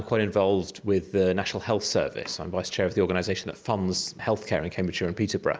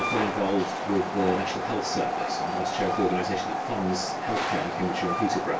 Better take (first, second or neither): first